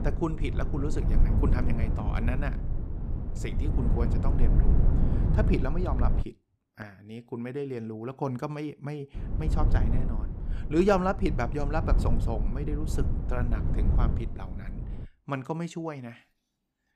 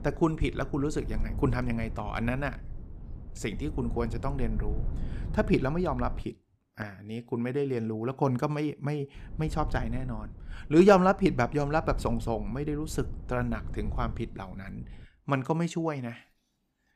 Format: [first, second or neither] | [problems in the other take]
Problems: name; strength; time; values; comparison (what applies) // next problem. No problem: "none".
second | low rumble; loud; until 6 s and from 9 to 15 s; 8 dB below the speech; faint in the second